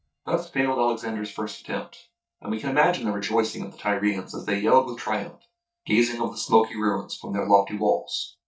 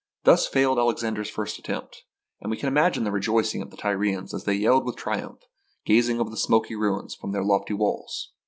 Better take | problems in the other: second | noise reduction (neural mask model DeepFilterNet 3)

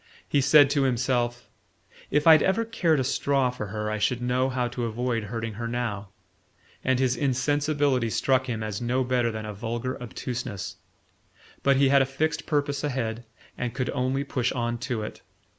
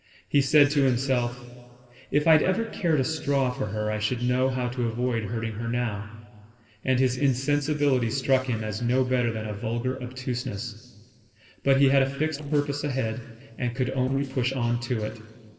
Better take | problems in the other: first | noise reduction (neural separator model SepFormer DNS4)

